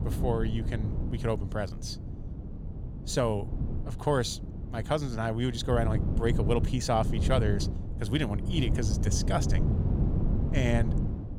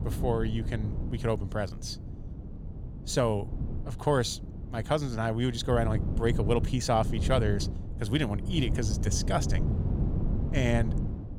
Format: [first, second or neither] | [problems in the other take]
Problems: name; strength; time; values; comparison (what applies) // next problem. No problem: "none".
second | wind noise on the microphone; heavy; 10 dB below the speech; occasional gusts in the second